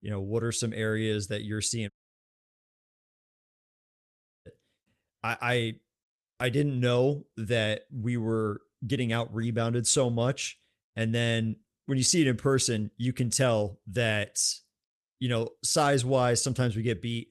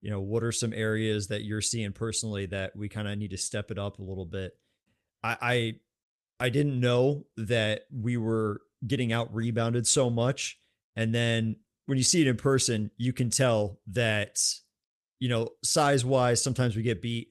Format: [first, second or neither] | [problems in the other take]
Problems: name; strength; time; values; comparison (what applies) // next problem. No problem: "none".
second | audio cutting out; at 2 s for 2.5 s